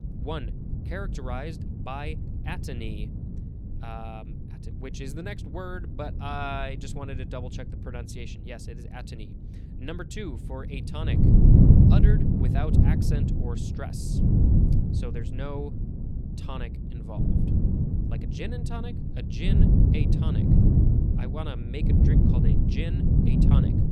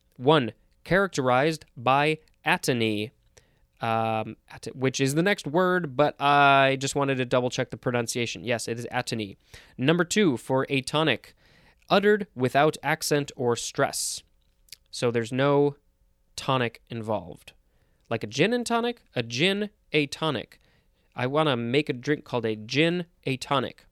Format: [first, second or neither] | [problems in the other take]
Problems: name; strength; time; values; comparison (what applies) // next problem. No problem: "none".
second | wind noise on the microphone; heavy; 4 dB above the speech